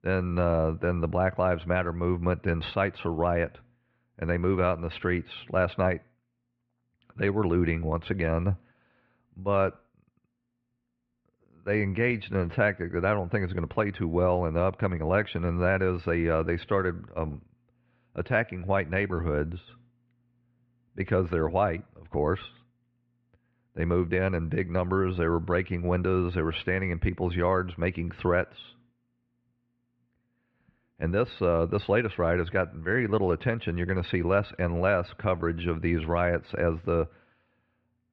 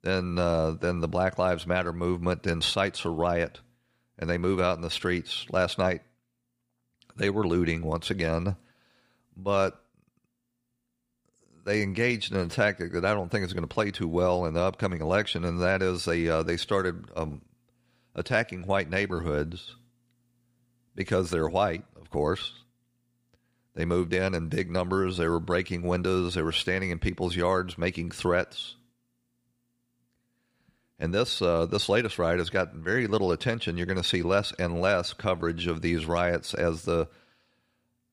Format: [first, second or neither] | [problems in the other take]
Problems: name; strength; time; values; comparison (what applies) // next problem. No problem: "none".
second | muffled; very; fading above 2.5 kHz